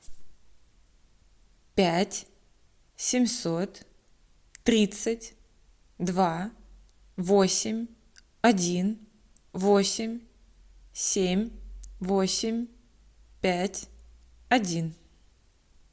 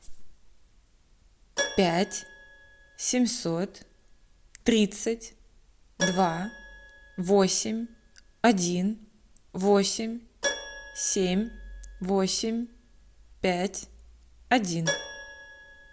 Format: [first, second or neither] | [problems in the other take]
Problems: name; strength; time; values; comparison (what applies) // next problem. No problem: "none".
first | background sound (Keyboard (musical)); 12 dB below the speech